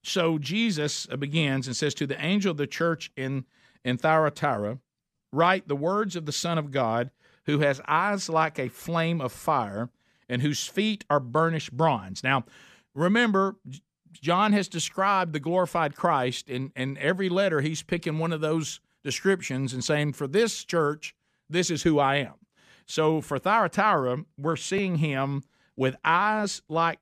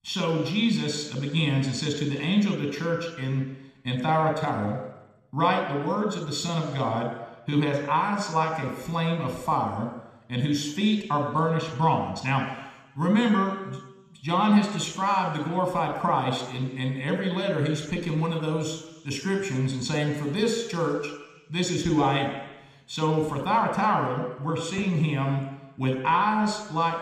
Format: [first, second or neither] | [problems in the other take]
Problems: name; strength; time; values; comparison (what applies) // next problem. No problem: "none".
first | room echo; slight; dies away in 1.1 s